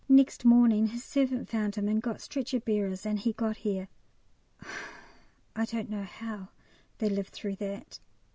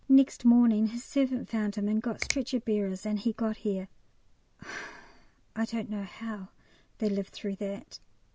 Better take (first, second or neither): first